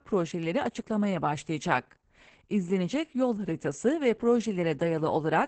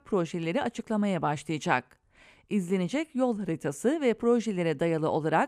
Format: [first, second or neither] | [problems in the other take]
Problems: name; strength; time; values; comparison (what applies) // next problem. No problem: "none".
second | garbled, watery; badly; nothing above 8 kHz